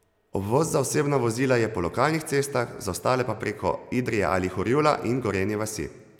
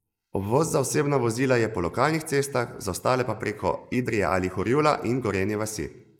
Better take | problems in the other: first | noise reduction (neural mask model Resemble Enhance denoiser)

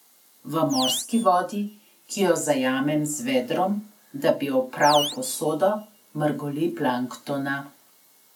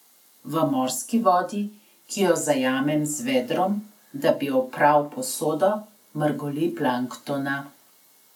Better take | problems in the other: second | background sound (Animal); 12 dB below the speech

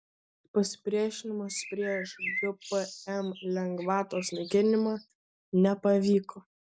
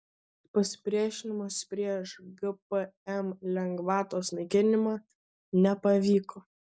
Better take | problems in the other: second | background sound (Bird); 12 dB below the speech

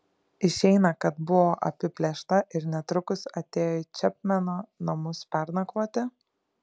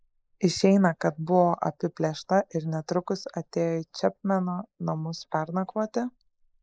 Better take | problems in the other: first | noise reduction (neural mask model Resemble Enhance denoiser)

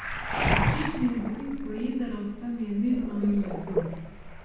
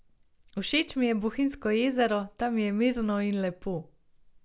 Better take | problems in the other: second | background sound (Waves, surf); 1 dB below the speech // room echo; dies away in 1.2 s

